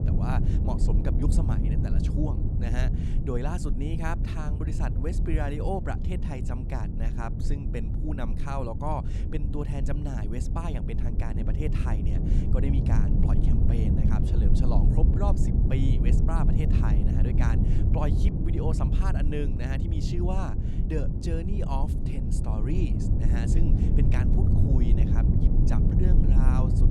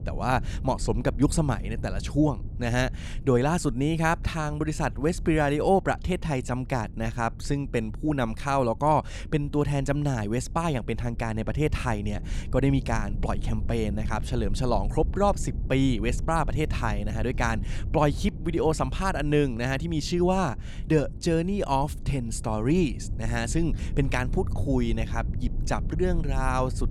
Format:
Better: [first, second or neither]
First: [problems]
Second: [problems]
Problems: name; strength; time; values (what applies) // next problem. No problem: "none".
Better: second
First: low rumble; loud; throughout; 1 dB below the speech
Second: low rumble; faint; throughout; 20 dB below the speech